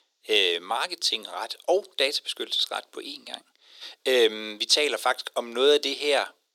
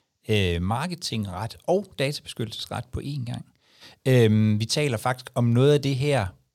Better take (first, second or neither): second